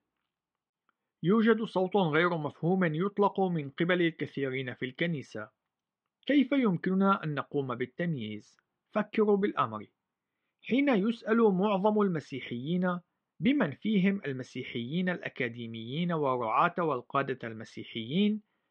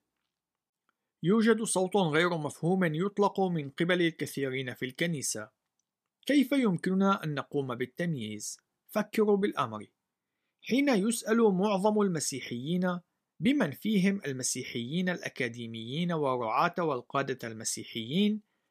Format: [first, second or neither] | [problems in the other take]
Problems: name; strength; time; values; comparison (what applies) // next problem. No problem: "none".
second | muffled; very; fading above 3 kHz